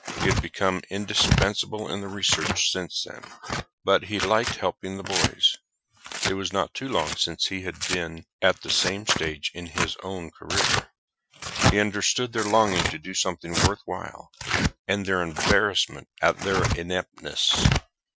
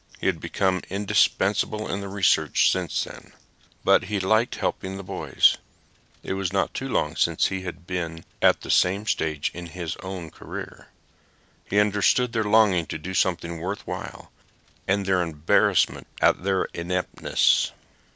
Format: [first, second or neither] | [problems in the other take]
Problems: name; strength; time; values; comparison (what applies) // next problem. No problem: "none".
second | noise reduction (classical method Wiener filter)